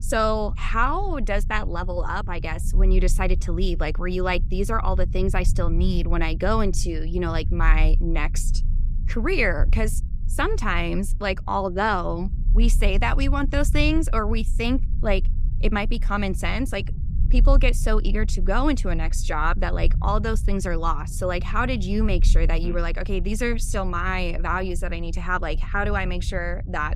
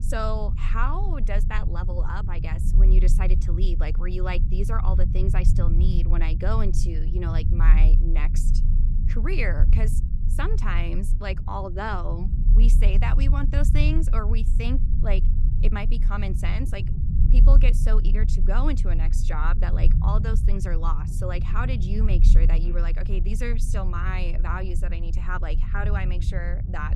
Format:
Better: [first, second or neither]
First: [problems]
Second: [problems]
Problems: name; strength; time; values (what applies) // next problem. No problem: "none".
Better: first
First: low rumble; faint; throughout; 20 dB below the speech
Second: low rumble; loud; throughout; 8 dB below the speech